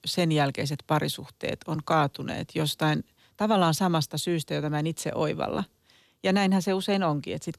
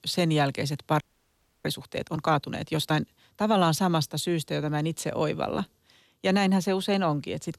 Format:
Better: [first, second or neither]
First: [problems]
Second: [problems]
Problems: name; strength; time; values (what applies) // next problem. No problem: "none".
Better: first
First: none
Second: audio freezing; at 1 s for 0.5 s